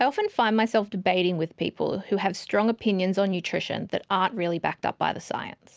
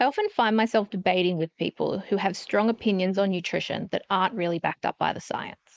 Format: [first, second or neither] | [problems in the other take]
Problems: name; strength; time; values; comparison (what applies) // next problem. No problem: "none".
first | noise reduction (neural mask model Resemble Enhance denoiser)